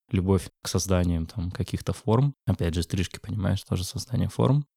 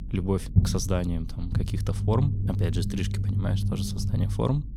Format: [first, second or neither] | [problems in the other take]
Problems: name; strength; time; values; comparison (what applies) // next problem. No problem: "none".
first | low rumble; loud; throughout; 7 dB below the speech